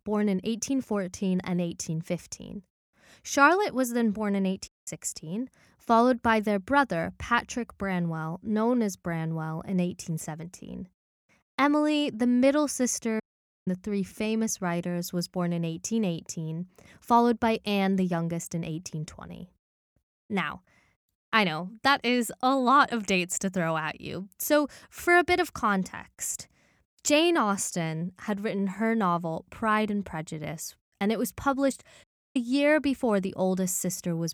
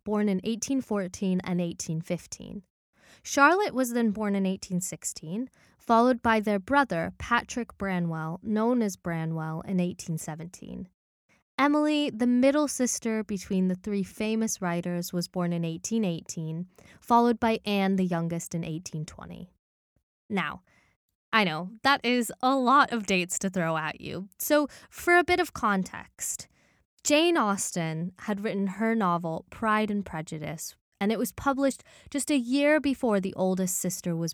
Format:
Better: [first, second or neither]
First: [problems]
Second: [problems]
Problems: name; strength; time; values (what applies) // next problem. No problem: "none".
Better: second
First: audio cutting out; at 4.5 s, at 13 s and at 32 s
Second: none